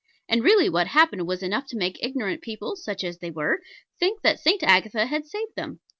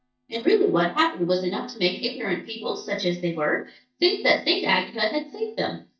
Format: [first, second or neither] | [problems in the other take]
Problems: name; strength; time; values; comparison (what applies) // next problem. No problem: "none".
first | noise reduction (neural mask model DeepFilterNet 3)